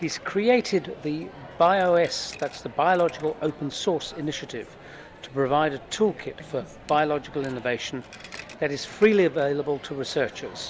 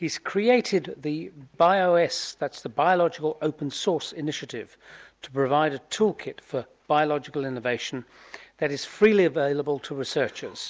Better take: second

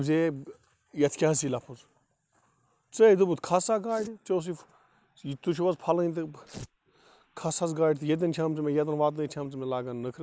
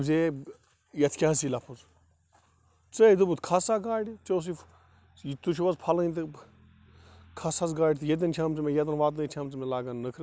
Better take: second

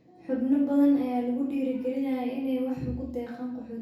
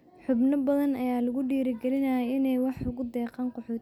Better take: second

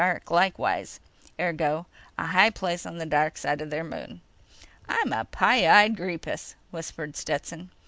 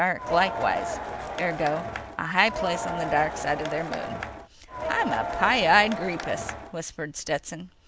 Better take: first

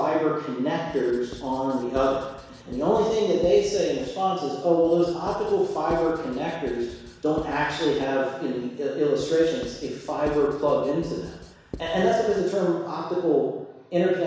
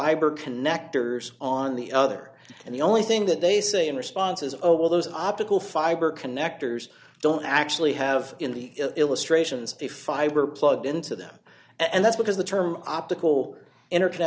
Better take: second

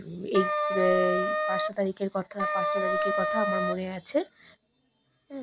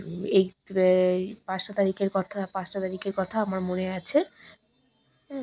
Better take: second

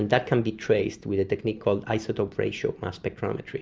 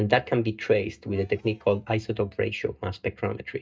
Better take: first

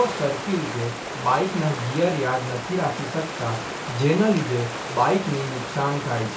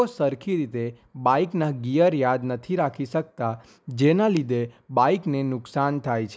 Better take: second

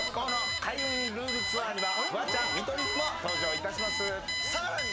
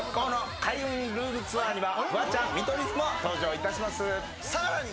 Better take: second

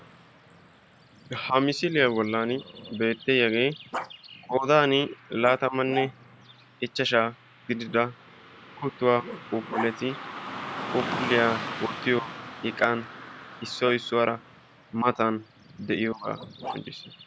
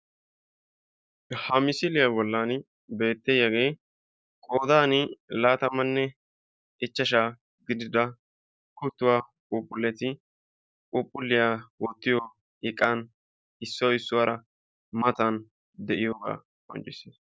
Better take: second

